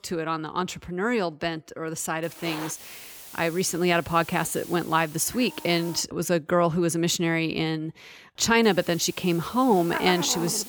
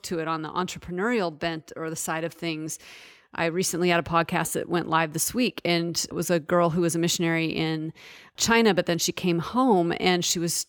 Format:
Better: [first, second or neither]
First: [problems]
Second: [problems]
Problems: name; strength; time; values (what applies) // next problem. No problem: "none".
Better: second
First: hiss; noticeable; from 2 to 6 s and from 8.5 s on; 15 dB below the speech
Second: none